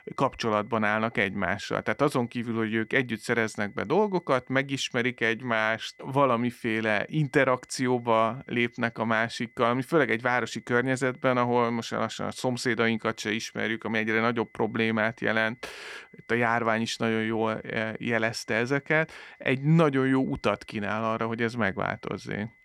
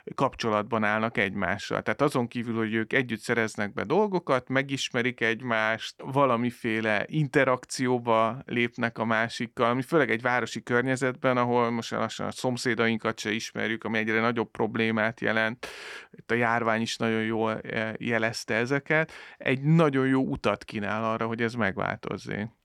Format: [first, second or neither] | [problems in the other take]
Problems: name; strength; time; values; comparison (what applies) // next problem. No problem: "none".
second | high-pitched whine; faint; throughout; 2 kHz, 30 dB below the speech